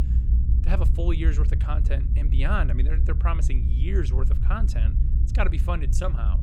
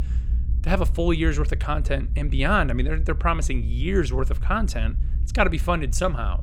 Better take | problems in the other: second | low rumble; loud; throughout; 8 dB below the speech; faint in the second

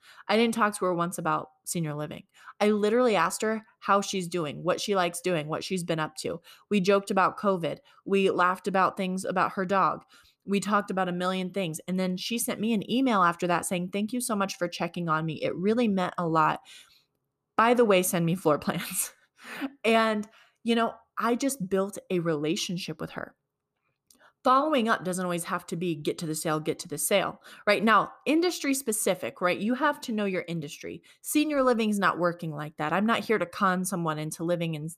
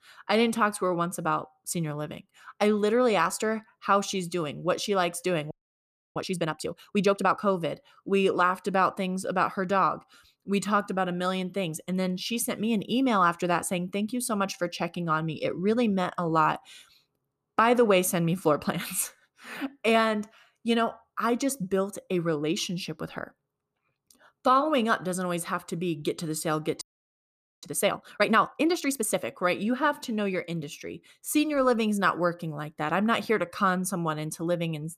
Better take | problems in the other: first | audio freezing; at 5.5 s for 0.5 s and at 27 s for 1 s

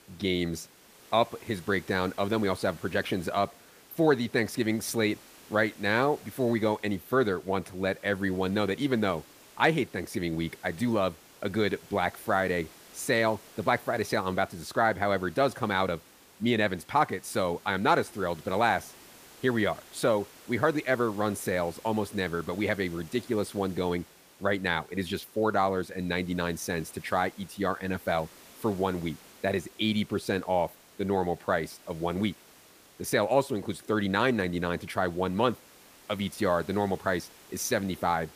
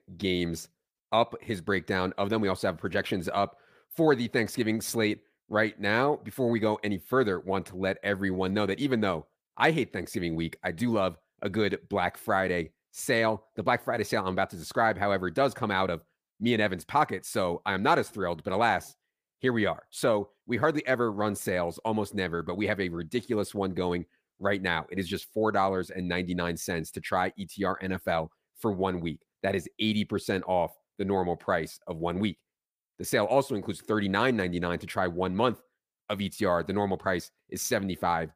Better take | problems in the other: second | hiss; faint; throughout; 25 dB below the speech

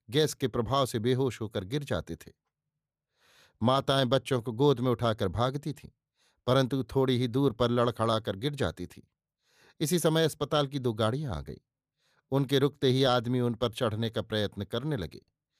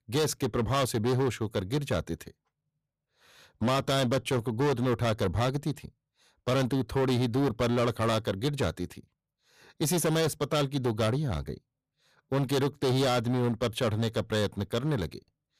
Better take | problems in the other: first | distortion; heavy; 14% of the sound clipped

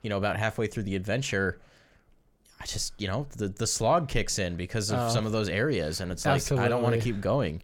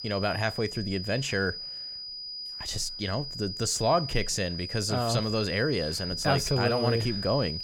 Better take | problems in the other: first | high-pitched whine; loud; throughout; 5 kHz, 6 dB below the speech

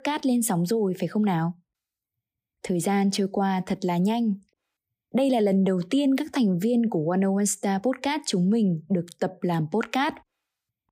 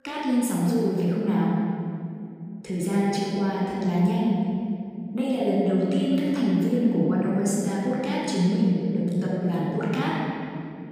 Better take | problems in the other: first | room echo; strong; dies away in 3 s // off-mic speech; far

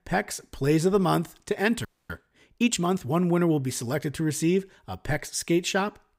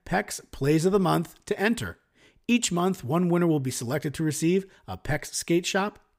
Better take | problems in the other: second | audio freezing; at 2 s

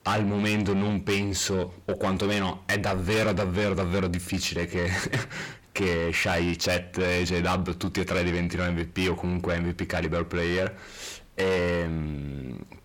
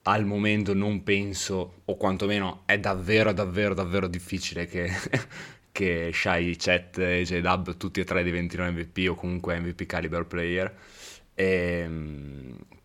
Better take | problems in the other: second | distortion; heavy; 7 dB below the speech

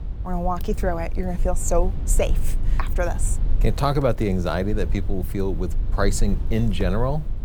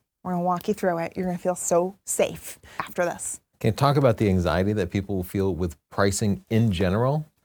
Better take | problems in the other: second | low rumble; noticeable; throughout; 20 dB below the speech

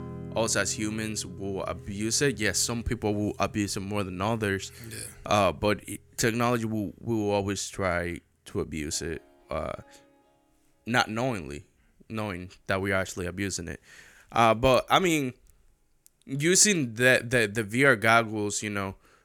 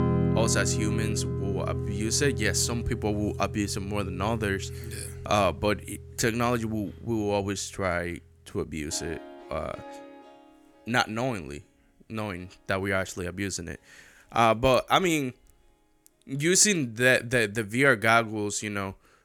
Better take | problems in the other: first | background music; loud; throughout; 7 dB below the speech; faint in the first

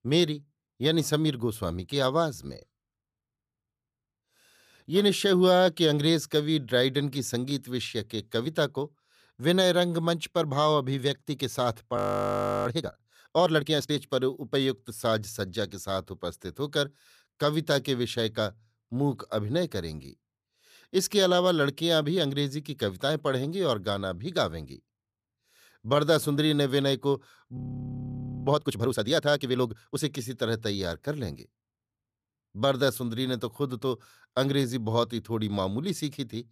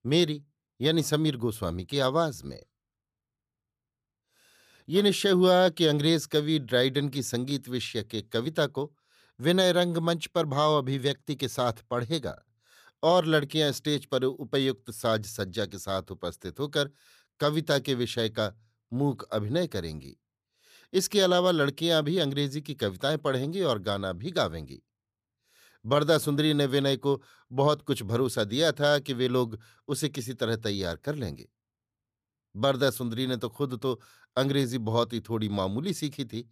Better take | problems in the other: second | audio freezing; at 12 s for 0.5 s and at 28 s for 1 s

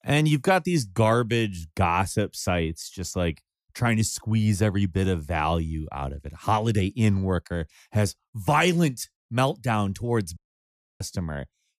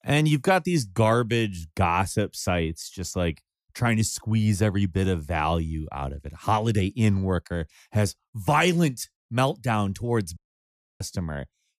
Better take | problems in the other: neither | audio cutting out; at 10 s for 0.5 s; the same in both

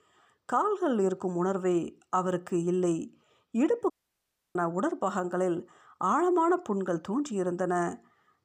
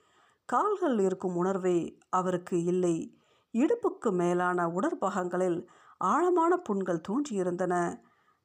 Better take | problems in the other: second | audio cutting out; at 4 s for 0.5 s

